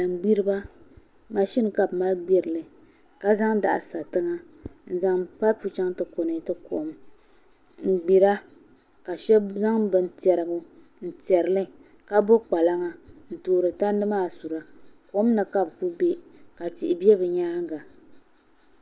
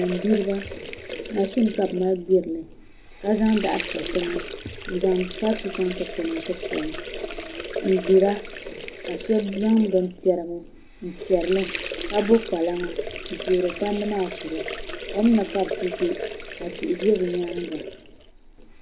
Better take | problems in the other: first | background sound (Sink (filling or washing) / Water); 9 dB below the speech // room echo; dies away in 0.4 s

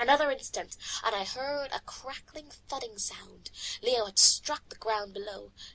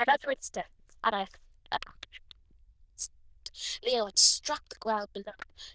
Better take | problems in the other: first | noise reduction (neural diffusion model UNIVERSE++)

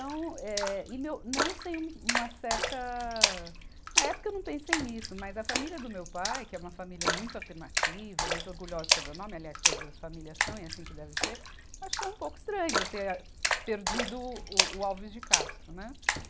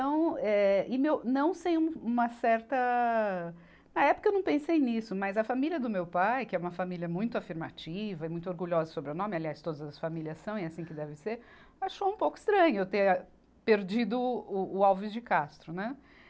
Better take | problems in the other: second | background sound (Splash, splatter); 5 dB above the speech

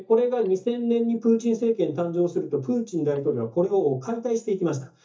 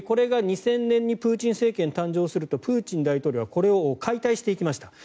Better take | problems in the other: second | noise reduction (neural mask model DeepFilterNet 3)

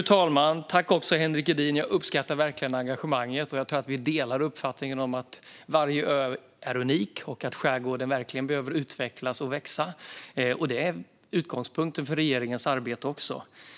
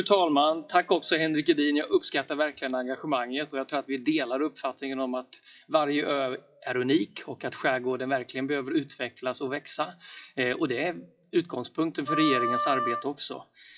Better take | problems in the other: first | noise reduction (classical method WPE with log-MMSE)

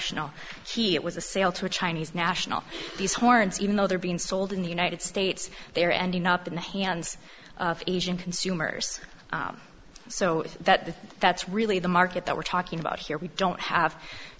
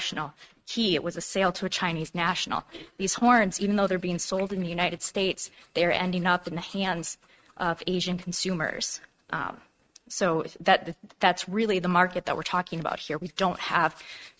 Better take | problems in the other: first | noise reduction (neural mask model RNNoise)

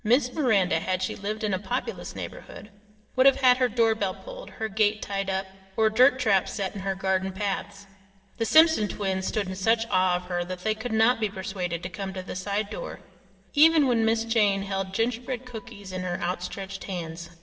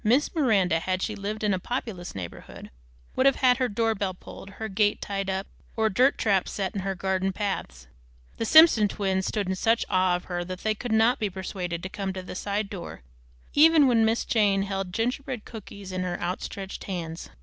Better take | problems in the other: second | noise reduction (neural separator model SepFormer DNS4)

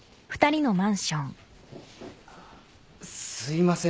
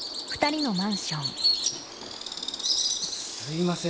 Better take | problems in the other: first | background sound (Bird vocalization, bird call, bird song); 1 dB above the speech

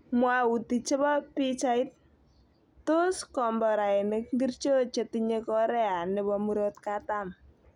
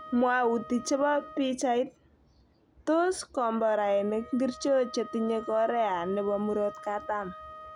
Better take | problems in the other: first | background sound (Wind instrument, woodwind instrument); 17 dB below the speech

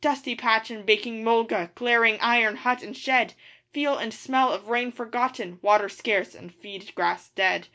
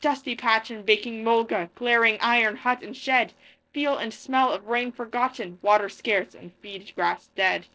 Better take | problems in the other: first | noise reduction (neural separator model SepFormer DNS4)

